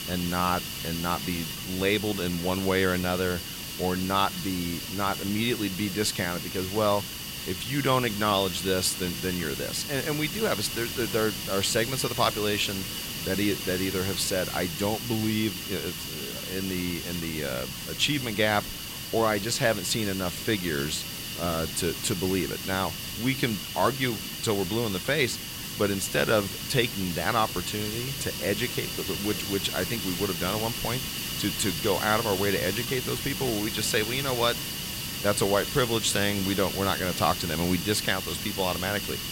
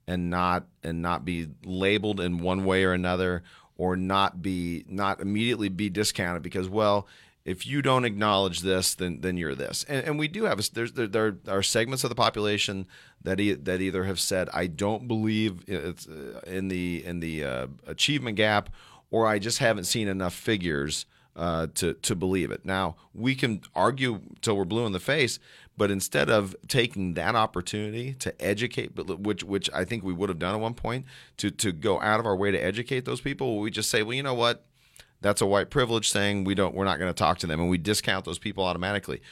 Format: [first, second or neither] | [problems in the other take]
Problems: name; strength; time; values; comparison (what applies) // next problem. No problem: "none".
second | hiss; loud; throughout; 4 dB below the speech